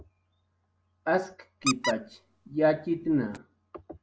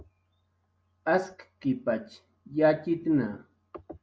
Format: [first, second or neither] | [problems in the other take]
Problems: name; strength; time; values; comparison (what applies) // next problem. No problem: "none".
second | background sound (Squeak); 6 dB below the speech